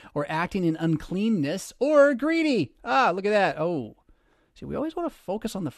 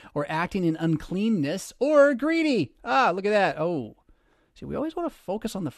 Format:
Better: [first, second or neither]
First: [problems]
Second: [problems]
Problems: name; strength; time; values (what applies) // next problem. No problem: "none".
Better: neither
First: none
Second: none